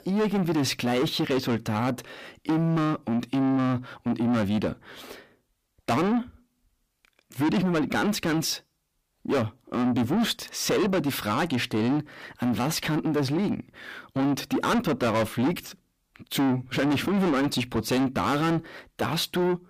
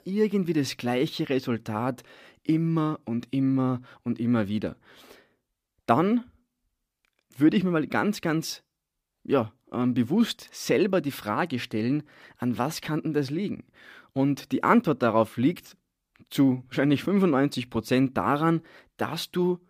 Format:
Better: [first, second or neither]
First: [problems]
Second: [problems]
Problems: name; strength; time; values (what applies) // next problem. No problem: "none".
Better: second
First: distortion; heavy; 6 dB below the speech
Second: none